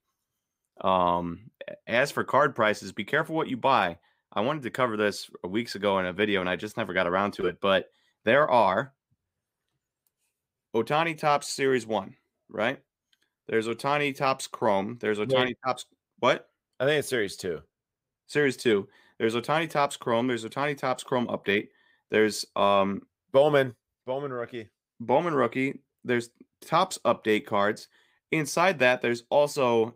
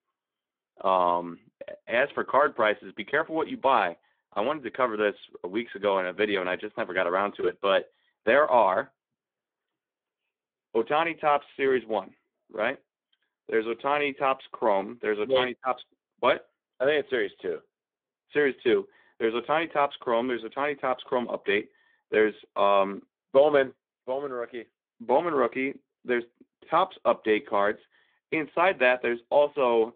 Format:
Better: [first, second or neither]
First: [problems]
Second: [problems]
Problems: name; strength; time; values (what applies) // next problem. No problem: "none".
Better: first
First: none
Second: phone-call audio; nothing above 3.5 kHz